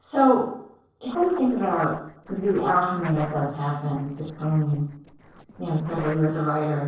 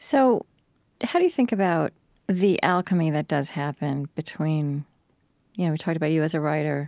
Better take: second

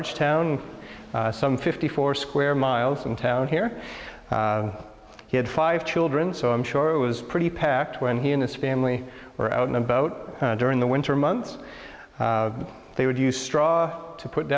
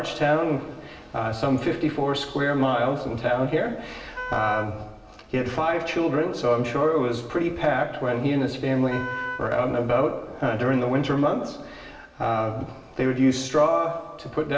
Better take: first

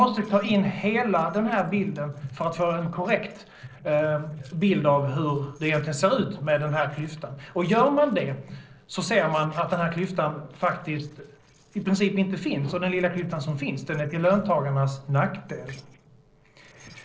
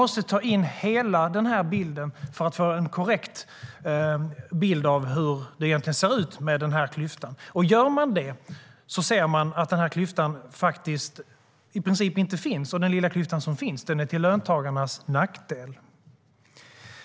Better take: second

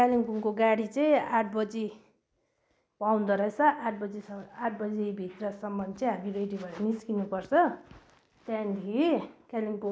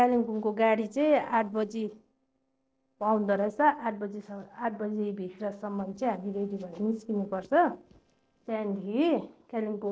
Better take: first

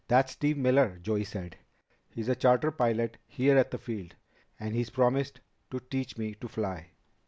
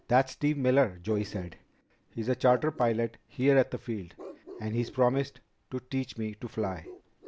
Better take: first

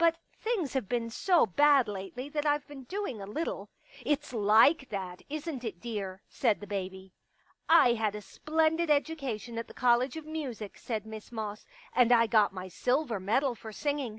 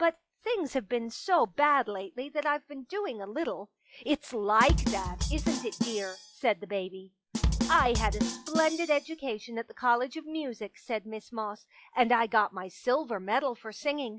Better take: first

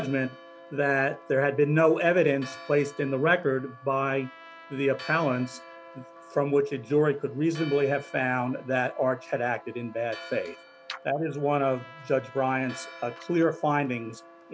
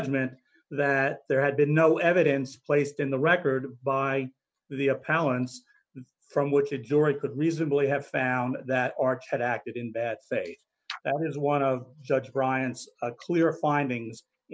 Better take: second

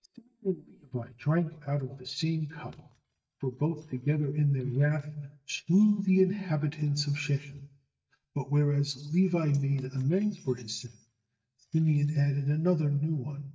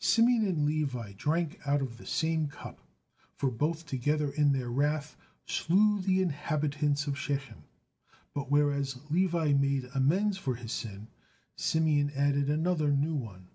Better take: second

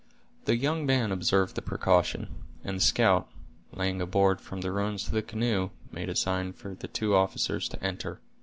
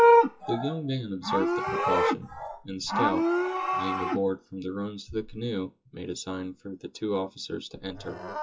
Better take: first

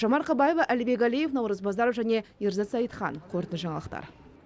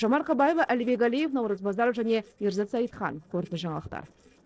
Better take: first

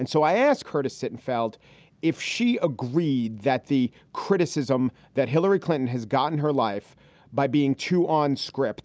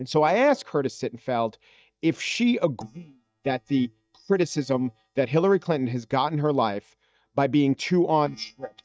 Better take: first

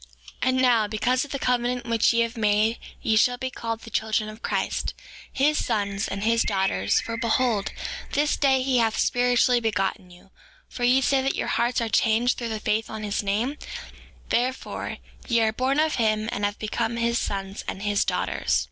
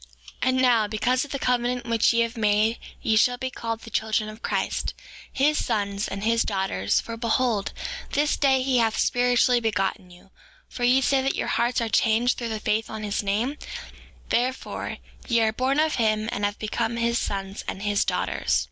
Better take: second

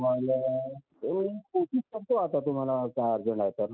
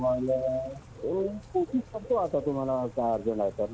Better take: first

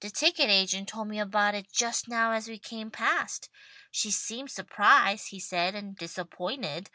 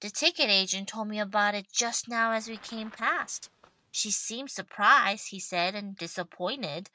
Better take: first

